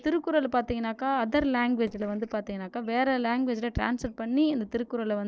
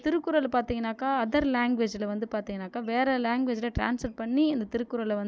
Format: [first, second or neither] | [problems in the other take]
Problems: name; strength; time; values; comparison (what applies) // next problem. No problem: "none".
second | noise reduction (neural separator model SepFormer DNS4)